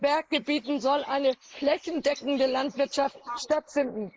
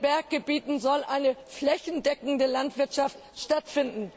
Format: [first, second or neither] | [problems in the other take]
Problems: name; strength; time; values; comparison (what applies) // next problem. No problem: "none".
second | noise reduction (neural mask model Resemble Enhance denoiser)